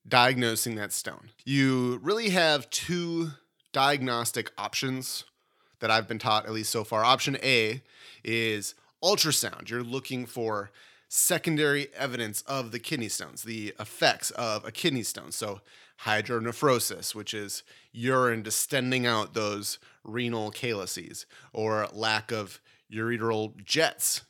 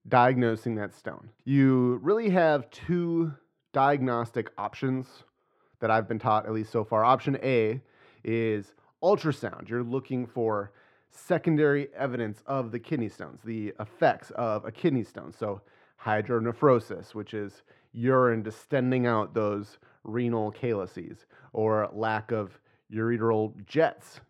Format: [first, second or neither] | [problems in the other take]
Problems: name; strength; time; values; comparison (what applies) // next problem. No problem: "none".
first | muffled; very; fading above 3 kHz